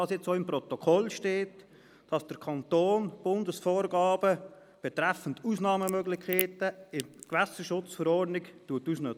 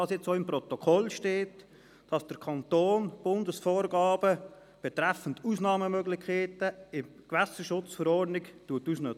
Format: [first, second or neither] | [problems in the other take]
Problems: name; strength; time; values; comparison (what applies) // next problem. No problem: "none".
second | noise reduction (neural mask model Resemble Enhance denoiser)